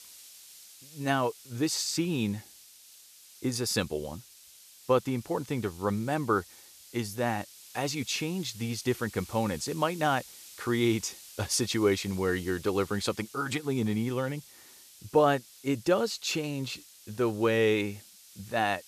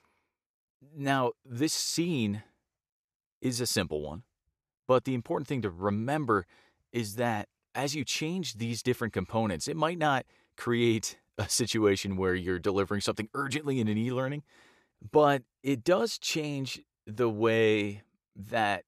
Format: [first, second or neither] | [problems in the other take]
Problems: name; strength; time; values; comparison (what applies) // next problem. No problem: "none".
second | hiss; noticeable; throughout; 20 dB below the speech